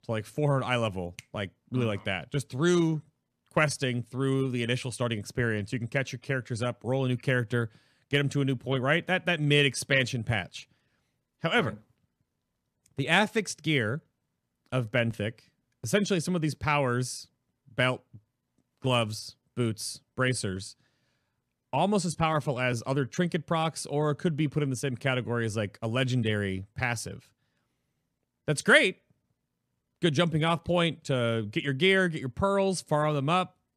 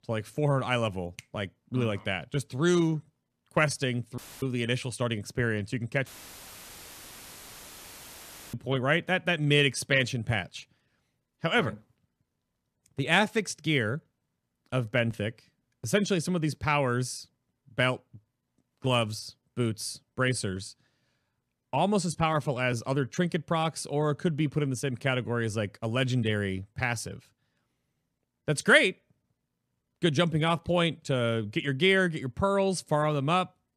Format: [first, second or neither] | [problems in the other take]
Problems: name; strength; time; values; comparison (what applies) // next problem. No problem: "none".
first | audio cutting out; filled with static; at 4 s and at 6 s for 2.5 s